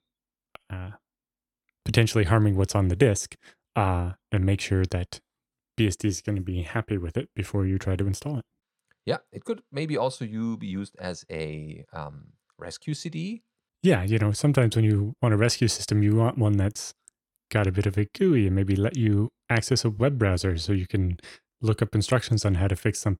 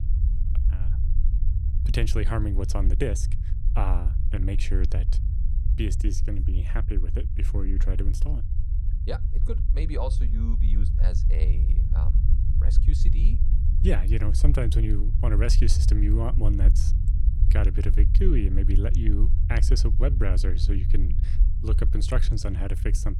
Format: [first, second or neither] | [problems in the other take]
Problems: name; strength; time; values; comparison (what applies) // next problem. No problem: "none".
first | low rumble; loud; throughout; 8 dB below the speech